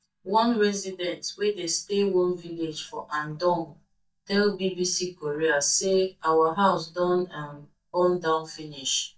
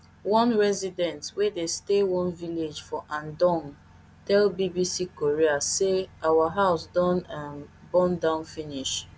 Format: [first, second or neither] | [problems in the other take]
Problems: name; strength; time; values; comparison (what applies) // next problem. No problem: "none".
second | noise reduction (neural mask model DeepFilterNet 3)